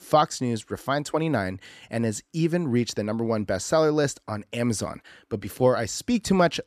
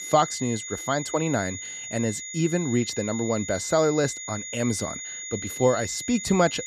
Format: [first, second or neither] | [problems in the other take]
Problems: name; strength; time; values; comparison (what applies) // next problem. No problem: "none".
first | high-pitched whine; loud; throughout; 7 kHz, 7 dB below the speech